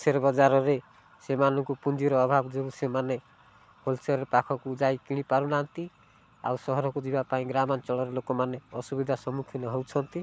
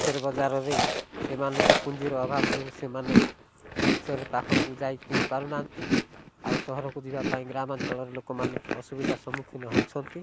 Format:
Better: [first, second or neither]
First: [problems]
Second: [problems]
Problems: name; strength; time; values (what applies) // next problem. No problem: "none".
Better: first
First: none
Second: background sound (Chewing, mastication); 4 dB above the speech